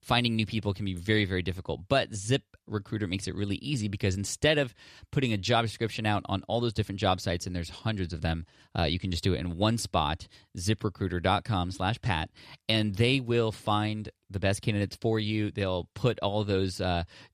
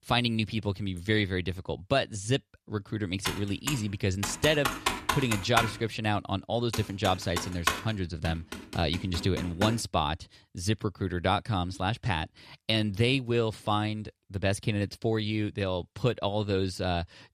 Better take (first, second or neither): first